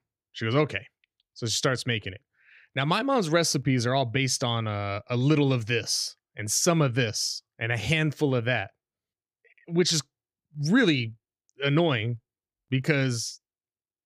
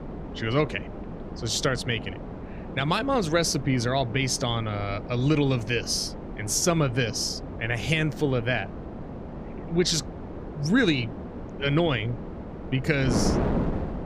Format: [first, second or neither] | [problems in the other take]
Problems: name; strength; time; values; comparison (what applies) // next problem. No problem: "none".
first | wind noise on the microphone; occasional gusts; 10 dB below the speech